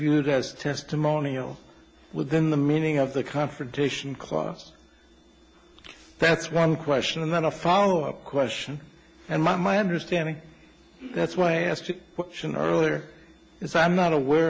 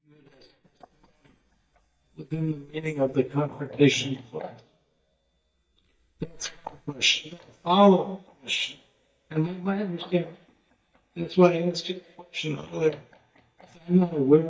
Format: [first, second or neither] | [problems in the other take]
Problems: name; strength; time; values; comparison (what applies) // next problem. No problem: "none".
first | noise reduction (neural mask model DeepFilterNet 3)